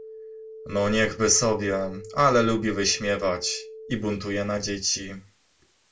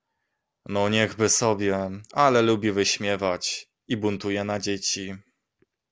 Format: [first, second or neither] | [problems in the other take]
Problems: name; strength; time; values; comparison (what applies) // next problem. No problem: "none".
second | background sound (Telephone); 17 dB below the speech // room echo; dies away in 0.2 s